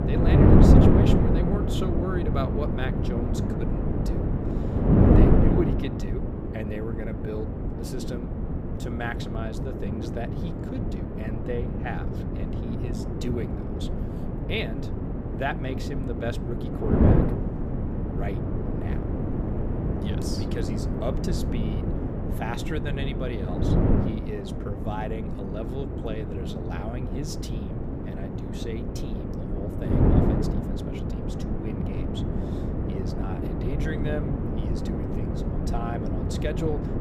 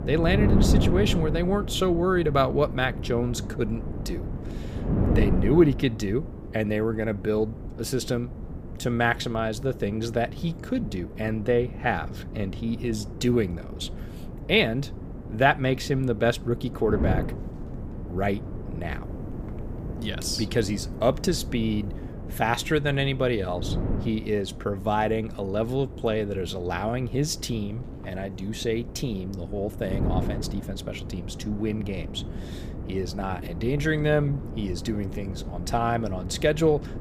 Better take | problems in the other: second | wind noise on the microphone; heavy; 4 dB above the speech; occasional gusts in the second

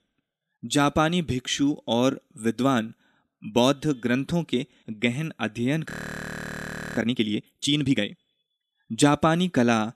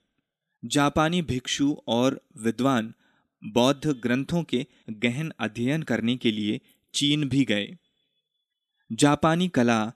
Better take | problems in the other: second | audio freezing; at 6 s for 1 s

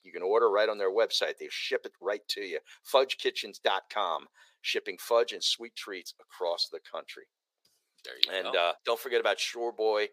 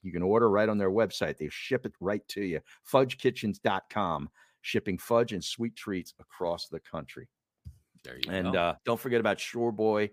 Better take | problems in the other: second | thin; very; fading below 450 Hz

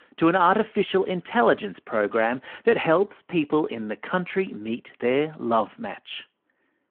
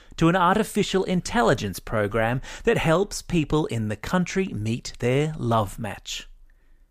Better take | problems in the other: second | phone-call audio

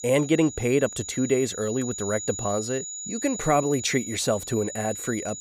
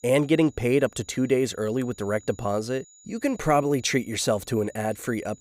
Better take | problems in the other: second | high-pitched whine; loud; throughout; 7 kHz, 8 dB below the speech; faint in the second

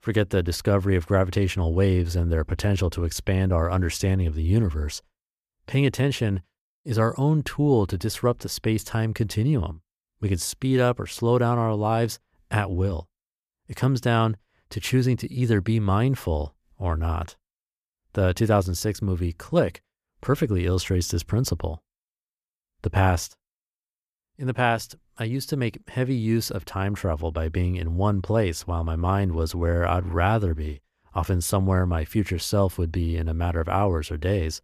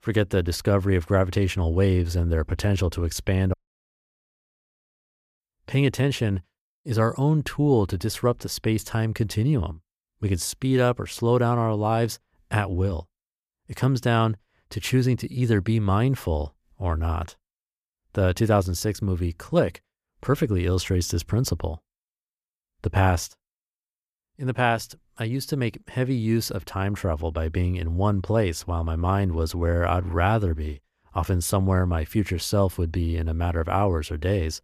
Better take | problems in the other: first | audio cutting out; at 3.5 s for 2 s

